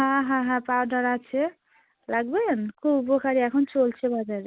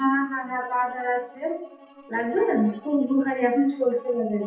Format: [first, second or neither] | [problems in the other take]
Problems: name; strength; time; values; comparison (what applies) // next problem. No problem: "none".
first | noise reduction (classical method WPE with log-MMSE)